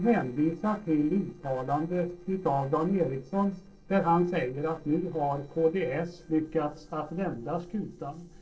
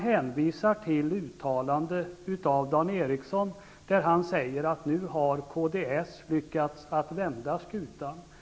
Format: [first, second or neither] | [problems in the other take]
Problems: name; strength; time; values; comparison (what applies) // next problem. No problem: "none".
second | noise reduction (neural separator model SepFormer DNS4)